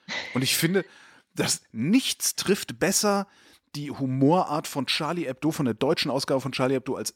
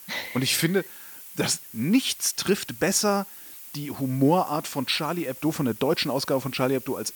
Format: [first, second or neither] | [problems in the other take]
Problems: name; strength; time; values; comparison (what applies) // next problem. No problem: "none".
first | hiss; noticeable; throughout; 15 dB below the speech